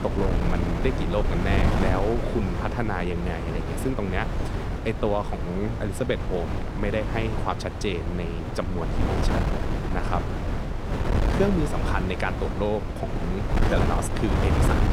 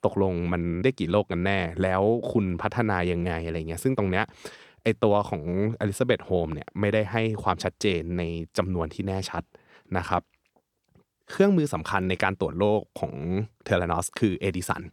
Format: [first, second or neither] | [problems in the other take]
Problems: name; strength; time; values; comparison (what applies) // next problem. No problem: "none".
second | wind noise on the microphone; heavy; 2 dB below the speech